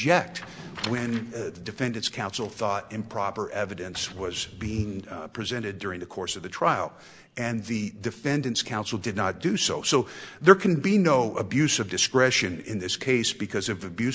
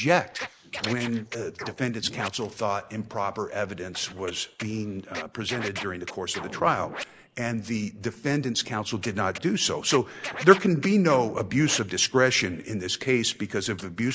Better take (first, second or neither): first